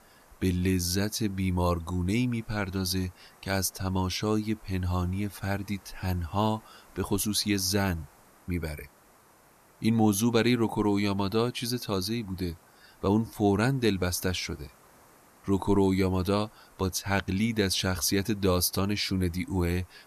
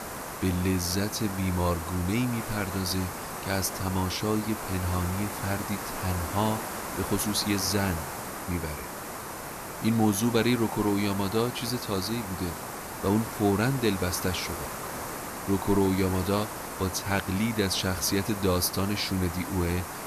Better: first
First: hiss; faint; throughout; 30 dB below the speech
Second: hiss; loud; throughout; 7 dB below the speech

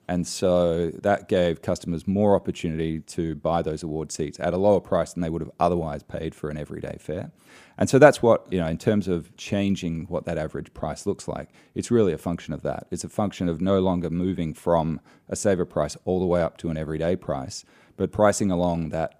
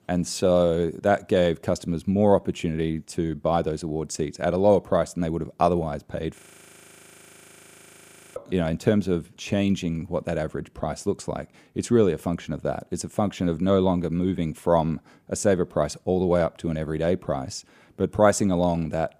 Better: first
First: none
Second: audio freezing; at 6.5 s for 2 s

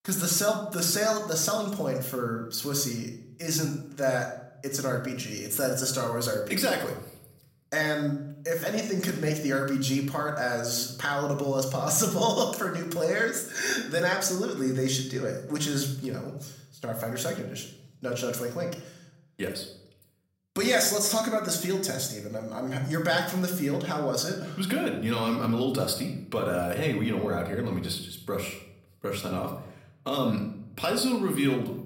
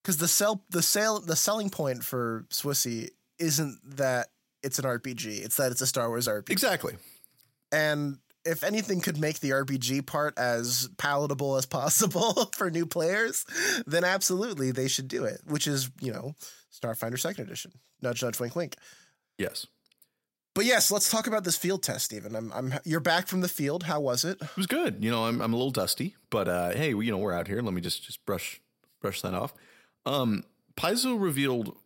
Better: second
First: room echo; slight; dies away in 0.6 s // off-mic speech; somewhat distant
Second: none

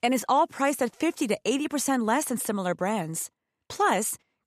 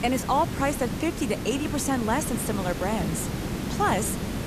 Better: first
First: none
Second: hiss; loud; throughout; 4 dB below the speech

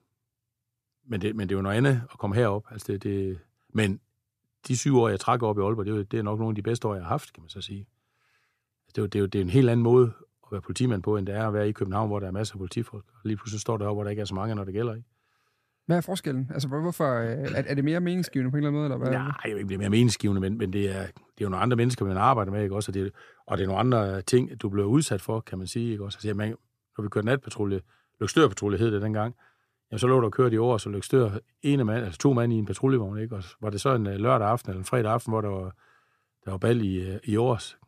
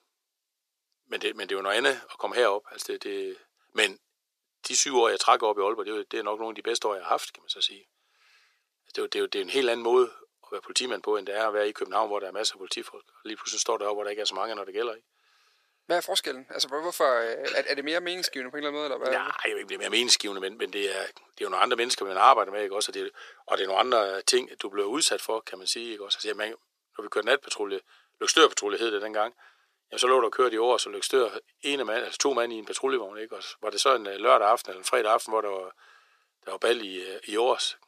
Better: first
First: none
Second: thin; very; fading below 450 Hz

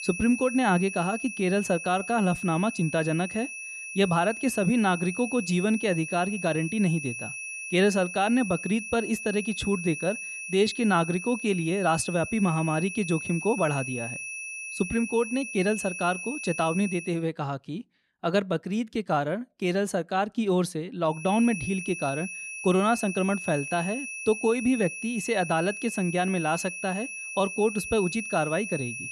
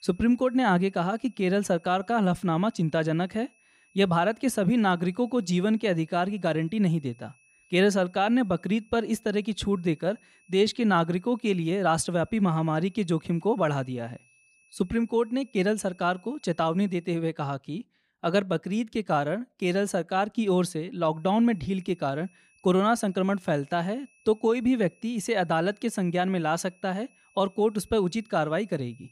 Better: second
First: high-pitched whine; loud; until 17 s and from 21 s on; 2.5 kHz, 8 dB below the speech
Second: high-pitched whine; faint; until 17 s and from 21 s on; 2.5 kHz, 35 dB below the speech

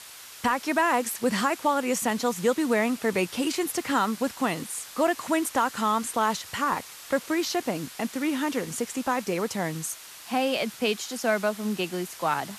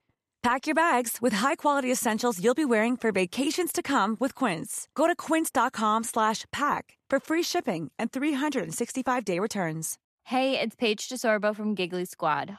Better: second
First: hiss; noticeable; throughout; 15 dB below the speech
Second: none

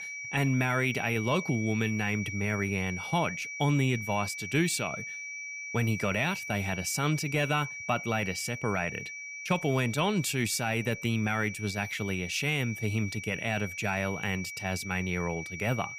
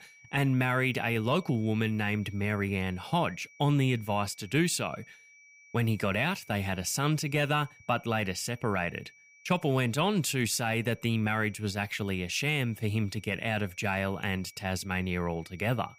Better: second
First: high-pitched whine; loud; throughout; 2.5 kHz, 8 dB below the speech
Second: high-pitched whine; faint; throughout; 2.5 kHz, 25 dB below the speech

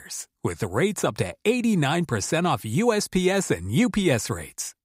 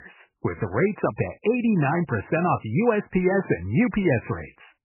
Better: first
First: none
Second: garbled, watery; badly; nothing above 2.5 kHz

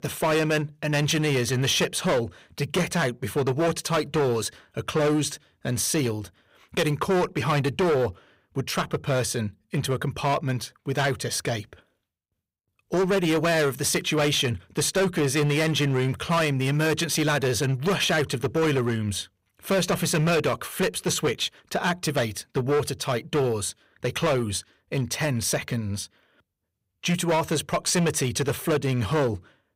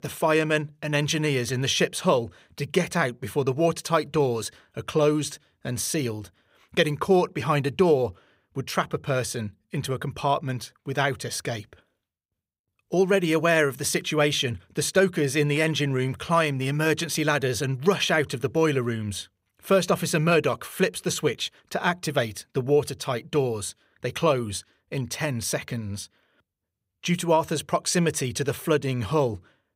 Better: second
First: distortion; heavy; 12% of the sound clipped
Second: none

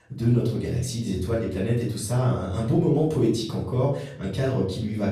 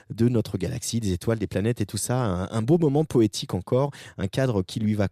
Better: second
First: off-mic speech; far // room echo; noticeable; dies away in 0.5 s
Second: none

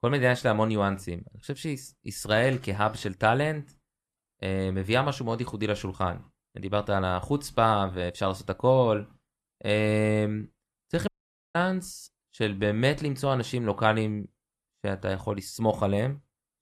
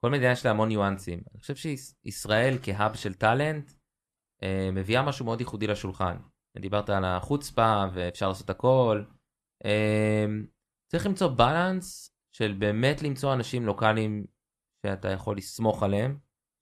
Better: second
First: audio cutting out; at 11 s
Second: none

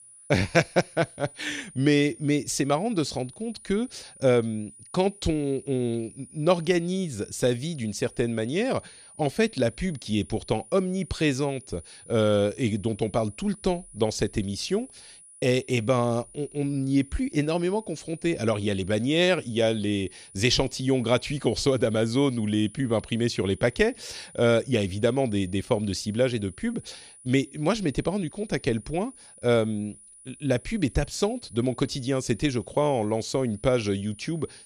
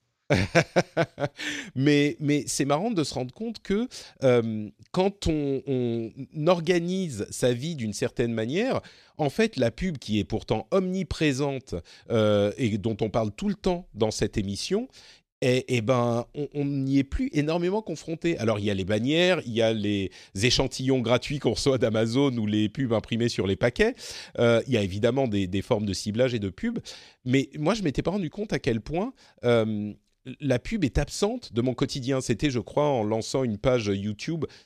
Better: second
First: high-pitched whine; faint; throughout; 9.5 kHz, 20 dB below the speech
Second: none

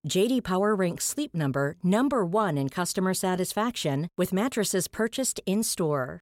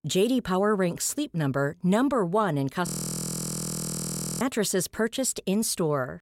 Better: first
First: none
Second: audio freezing; at 3 s for 1.5 s

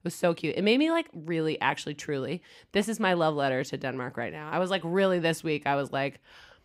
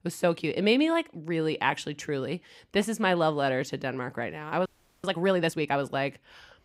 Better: first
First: none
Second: audio freezing; at 4.5 s

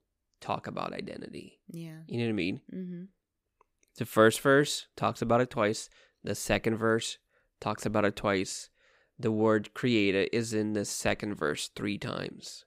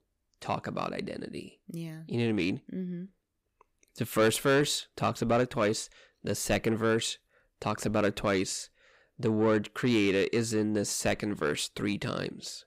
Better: first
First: none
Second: distortion; slight; 10 dB below the speech

